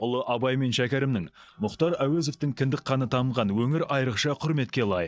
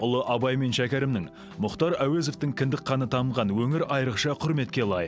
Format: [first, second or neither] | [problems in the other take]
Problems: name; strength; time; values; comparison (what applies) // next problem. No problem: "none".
second | noise reduction (neural mask model DeepFilterNet 3)